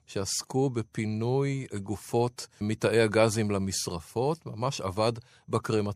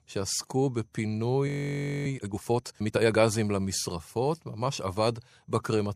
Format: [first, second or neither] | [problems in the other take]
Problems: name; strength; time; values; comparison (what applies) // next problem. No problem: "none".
first | audio freezing; at 1.5 s for 0.5 s